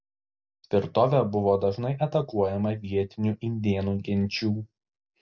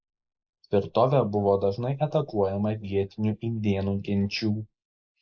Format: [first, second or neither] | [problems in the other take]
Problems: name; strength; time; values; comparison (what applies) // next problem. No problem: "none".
first | noise reduction (neural mask model Resemble Enhance denoiser)